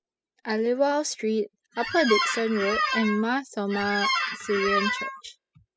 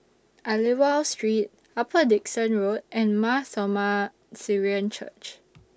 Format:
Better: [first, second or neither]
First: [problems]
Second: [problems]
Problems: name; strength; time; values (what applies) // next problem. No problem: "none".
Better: second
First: noise reduction (classical method spectral subtraction)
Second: none